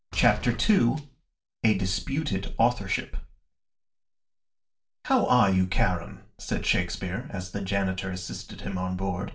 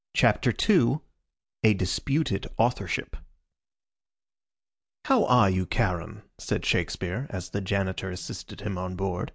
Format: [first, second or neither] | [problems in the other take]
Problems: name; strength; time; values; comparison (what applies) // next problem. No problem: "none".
second | noise reduction (neural separator model SepFormer DNS4)